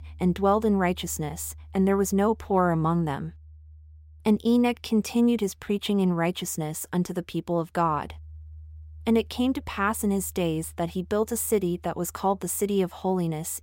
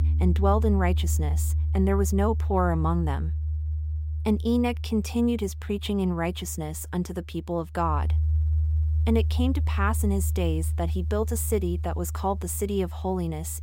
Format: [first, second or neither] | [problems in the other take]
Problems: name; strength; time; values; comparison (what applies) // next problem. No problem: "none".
first | background music; loud; throughout; as loud as the speech; faint in the first